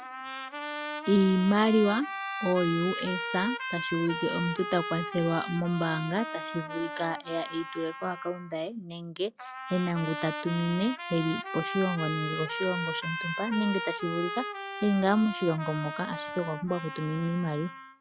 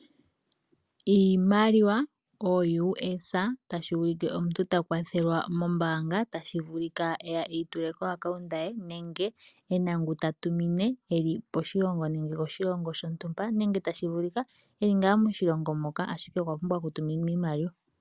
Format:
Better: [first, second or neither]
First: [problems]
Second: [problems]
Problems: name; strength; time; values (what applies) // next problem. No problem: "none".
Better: second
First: noise reduction (classical method log-MMSE)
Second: none